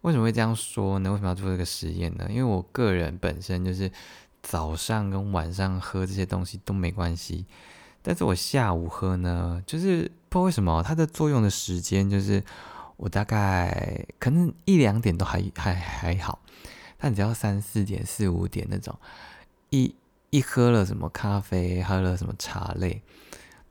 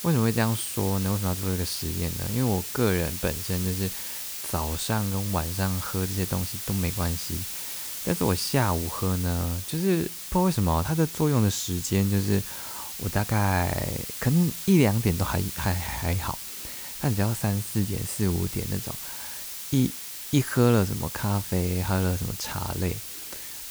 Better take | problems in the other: first | hiss; loud; throughout; 6 dB below the speech

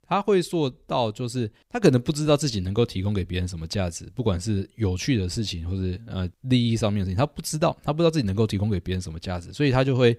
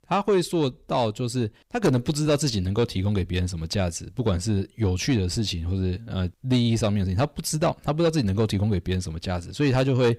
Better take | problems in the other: first | distortion; slight; 10 dB below the speech

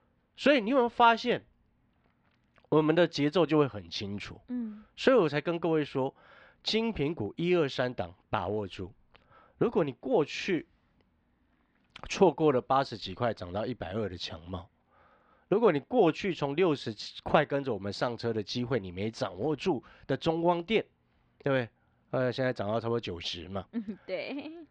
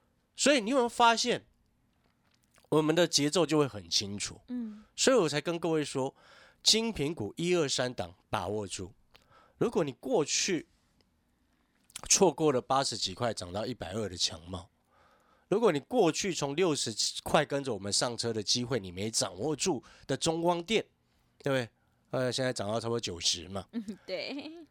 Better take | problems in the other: second | muffled; slightly; fading above 3 kHz

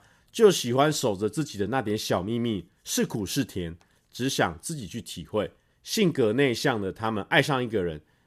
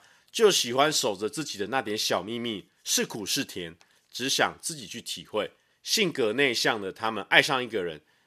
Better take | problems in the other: first | thin; very slightly; fading below 1 kHz

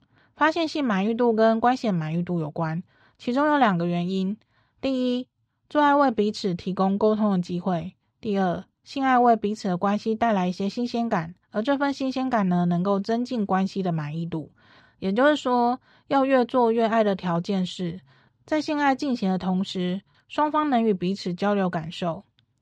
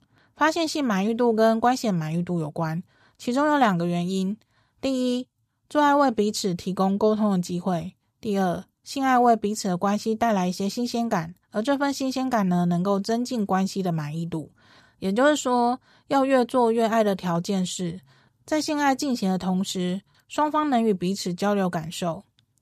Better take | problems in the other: second | muffled; very slightly; fading above 3 kHz

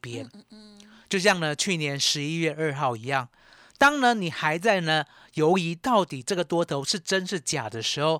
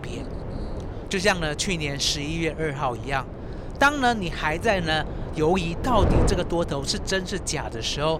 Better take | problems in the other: first | wind noise on the microphone; occasional gusts; 10 dB below the speech

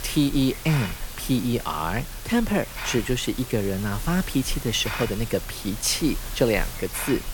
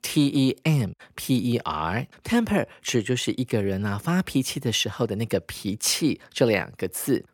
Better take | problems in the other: second | hiss; loud; throughout; 9 dB below the speech

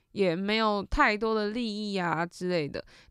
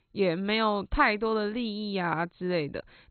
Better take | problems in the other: first | garbled, watery; badly; nothing above 4 kHz

